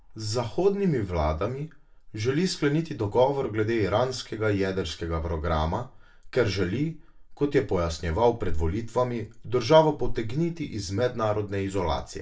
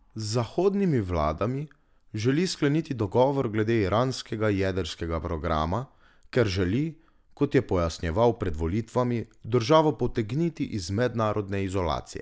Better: second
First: room echo; dies away in 0.2 s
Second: none

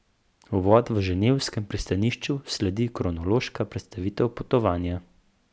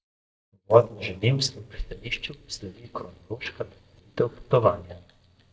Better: first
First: none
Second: noise reduction (neural mask model DeepFilterNet 3)

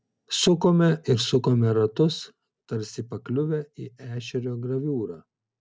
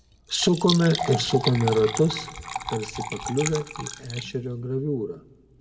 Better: first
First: none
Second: background sound (Liquid); 9 dB below the speech // room echo; dies away in 0.9 s

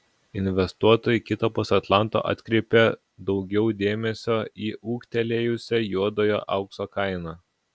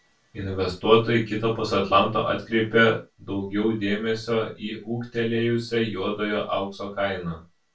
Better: first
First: none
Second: room echo; dies away in 0.2 s

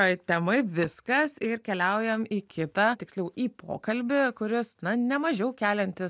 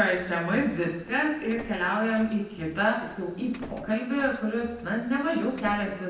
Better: first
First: none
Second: background sound (Bus); 20 dB below the speech // room echo; dies away in 0.9 s

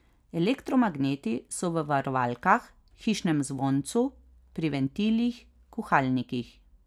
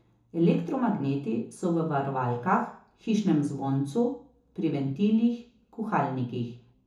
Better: first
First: none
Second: room echo; dies away in 0.7 s

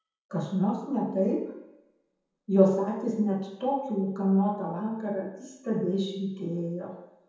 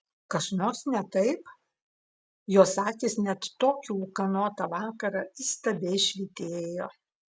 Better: second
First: room echo; dies away in 1 s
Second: none

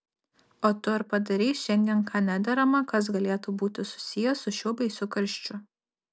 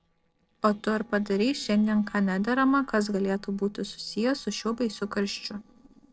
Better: first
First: none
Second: noise reduction (neural separator model SepFormer DNS4)

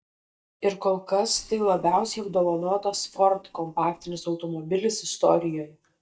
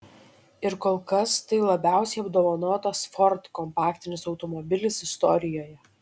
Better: second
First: noise reduction (neural mask model DeepFilterNet 3)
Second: none

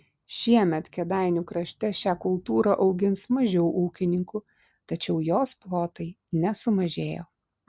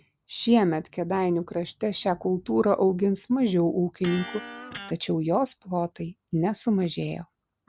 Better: first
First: none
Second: background sound (Electric guitar); 17 dB below the speech

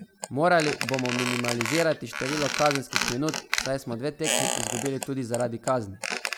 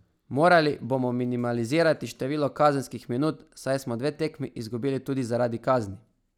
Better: second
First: background sound (Squeak); 4 dB below the speech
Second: none

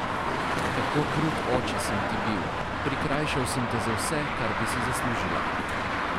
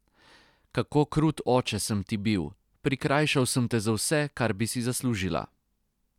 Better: second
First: background sound (Traffic noise, roadway noise); 4 dB above the speech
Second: none

